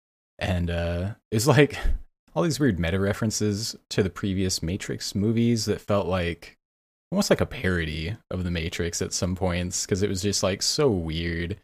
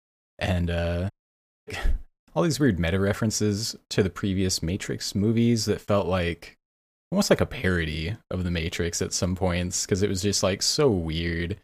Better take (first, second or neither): first